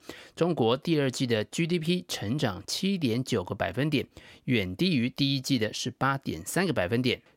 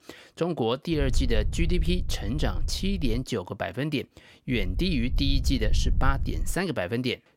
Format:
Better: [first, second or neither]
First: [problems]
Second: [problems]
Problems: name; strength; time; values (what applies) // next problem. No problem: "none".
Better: first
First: none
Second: low rumble; noticeable; from 1 to 3 s and from 4.5 to 6.5 s; 20 dB below the speech